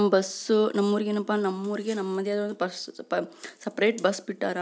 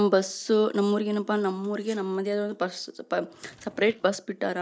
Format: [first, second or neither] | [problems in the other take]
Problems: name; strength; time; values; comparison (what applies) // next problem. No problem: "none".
first | noise reduction (neural mask model DeepFilterNet 3)